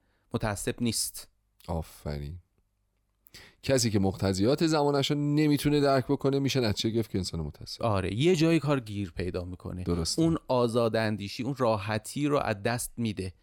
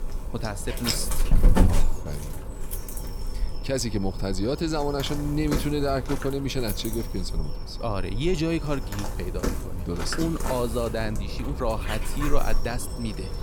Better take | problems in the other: first | animal sounds; loud; throughout; 2 dB below the speech

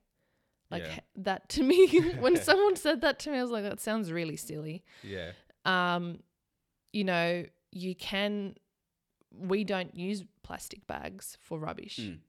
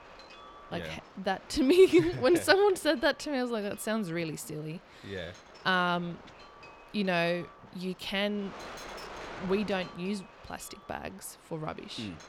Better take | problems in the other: first | wind noise on the microphone; occasional gusts; 20 dB below the speech

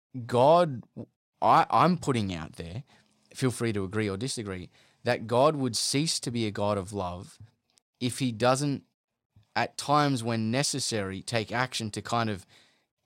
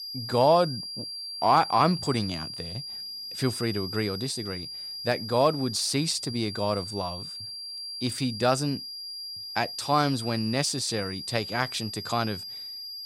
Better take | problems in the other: first | high-pitched whine; loud; throughout; 5 kHz, 8 dB below the speech

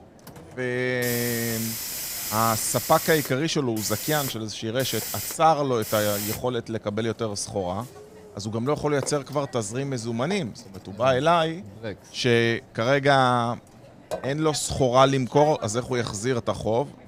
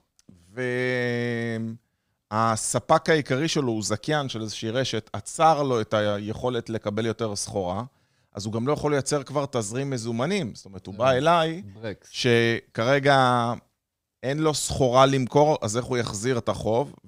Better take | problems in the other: second | hiss; loud; throughout; 7 dB below the speech

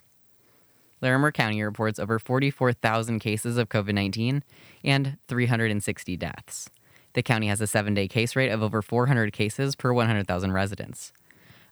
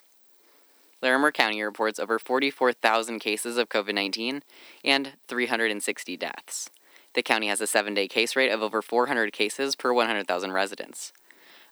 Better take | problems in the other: first | thin; somewhat; fading below 300 Hz

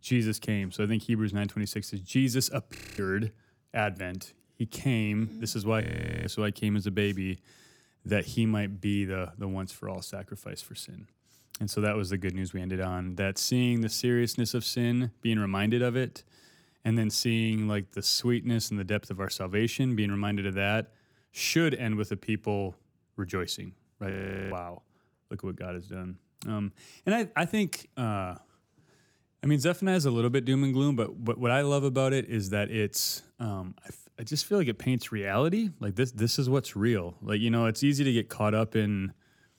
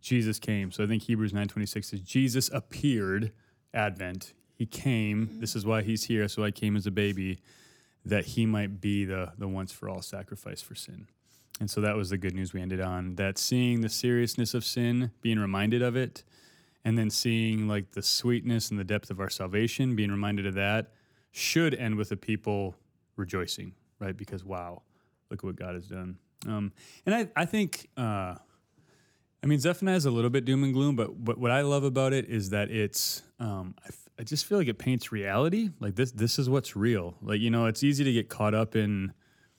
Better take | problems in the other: second | audio freezing; at 3 s, at 6 s and at 24 s

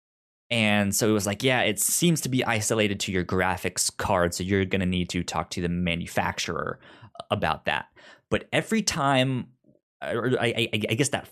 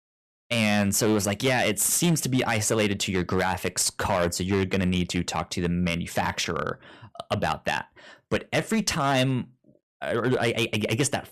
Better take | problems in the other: first | distortion; slight; 6% of the sound clipped

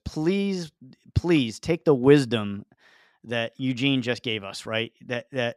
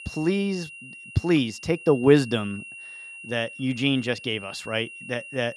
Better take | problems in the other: first | high-pitched whine; noticeable; throughout; 2.5 kHz, 15 dB below the speech

